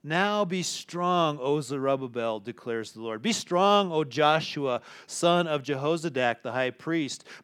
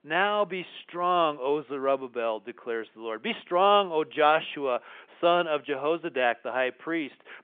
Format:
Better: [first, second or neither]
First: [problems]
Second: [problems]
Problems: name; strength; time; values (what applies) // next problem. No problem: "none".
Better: first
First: none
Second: phone-call audio; nothing above 3.5 kHz